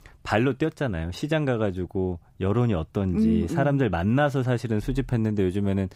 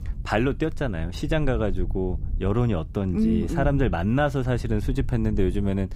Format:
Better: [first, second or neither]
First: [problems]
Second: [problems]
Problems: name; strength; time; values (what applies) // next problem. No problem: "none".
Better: first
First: none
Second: low rumble; faint; throughout; 20 dB below the speech